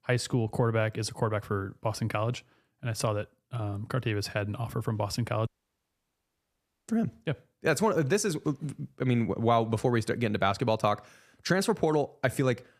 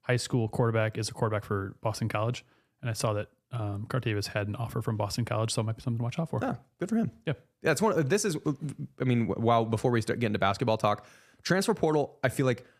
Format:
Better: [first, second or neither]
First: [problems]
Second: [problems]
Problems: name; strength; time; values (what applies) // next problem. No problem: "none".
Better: second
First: audio cutting out; at 5.5 s for 1.5 s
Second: none